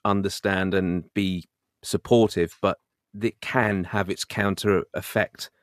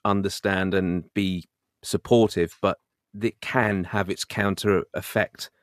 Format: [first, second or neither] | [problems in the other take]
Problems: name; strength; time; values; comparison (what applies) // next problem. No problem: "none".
neither | none